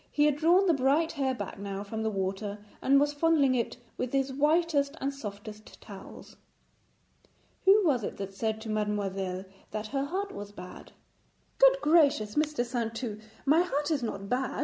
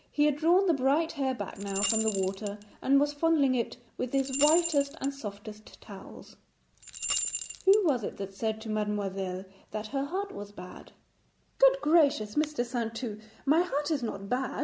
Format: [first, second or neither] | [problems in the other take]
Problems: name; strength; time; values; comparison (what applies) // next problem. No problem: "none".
first | background sound (Rattle / Keys jangling); 8 dB below the speech